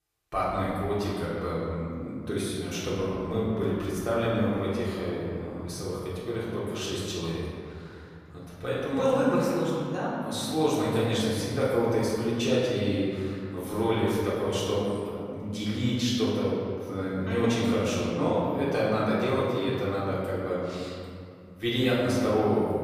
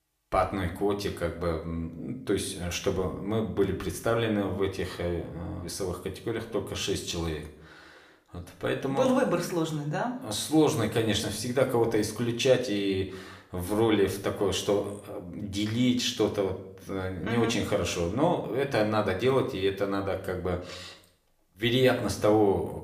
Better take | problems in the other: second | room echo; strong; dies away in 2.3 s; slight in the second // off-mic speech; far; somewhat distant in the second

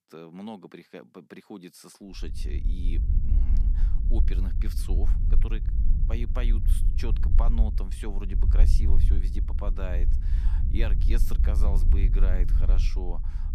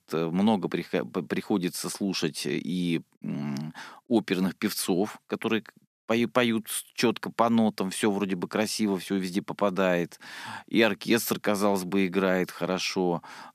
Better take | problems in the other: second | low rumble; loud; from 2 s on; 5 dB below the speech

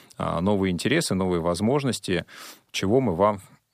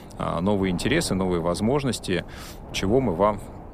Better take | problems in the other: first | wind noise on the microphone; occasional gusts; 15 dB below the speech

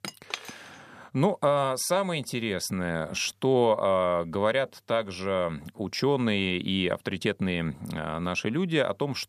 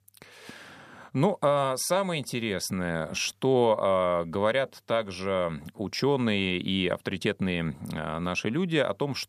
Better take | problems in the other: second | clattering dishes; noticeable; at the start; peak 8 dB below the speech

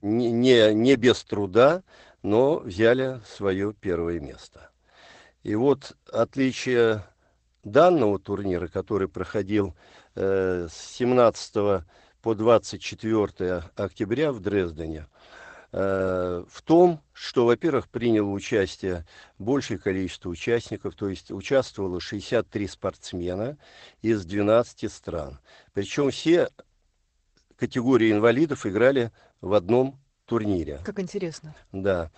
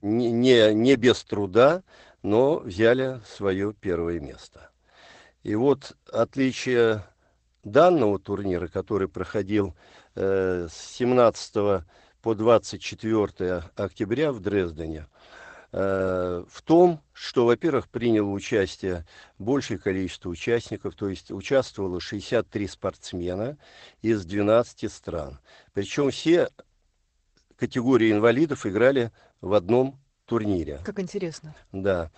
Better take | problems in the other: neither | garbled, watery; badly; nothing above 8 kHz; the same in both

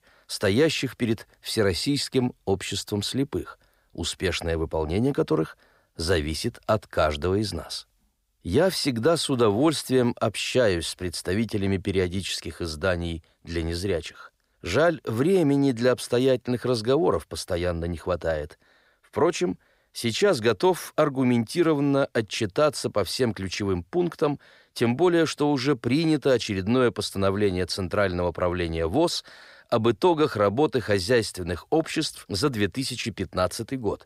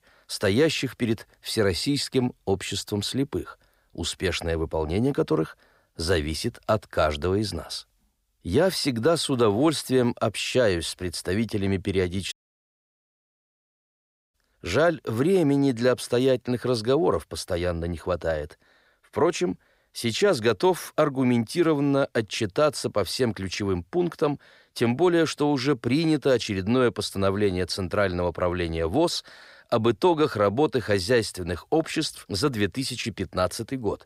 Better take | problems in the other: first | audio cutting out; at 12 s for 2 s

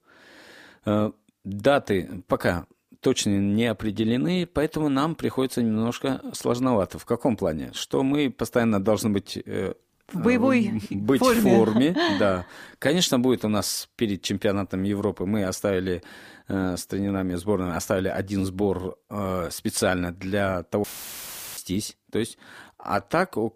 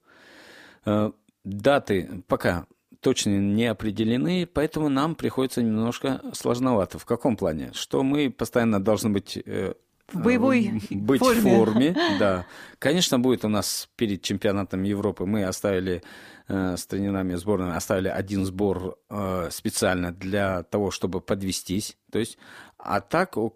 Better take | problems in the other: second | audio cutting out; filled with static; at 21 s for 0.5 s

